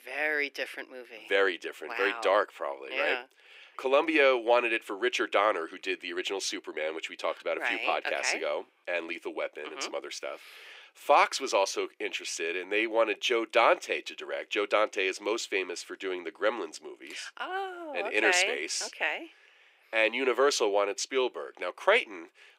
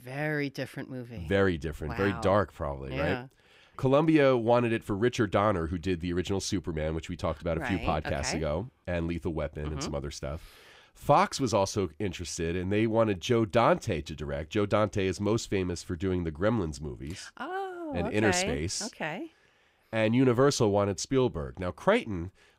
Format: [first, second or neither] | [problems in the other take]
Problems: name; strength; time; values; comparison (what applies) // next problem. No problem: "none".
second | thin; very; fading below 350 Hz